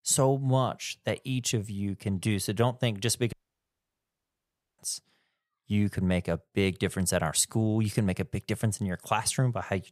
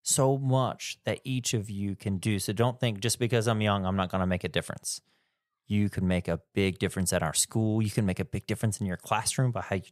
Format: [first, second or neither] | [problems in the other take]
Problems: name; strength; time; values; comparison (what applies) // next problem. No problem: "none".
second | audio cutting out; at 3.5 s for 1.5 s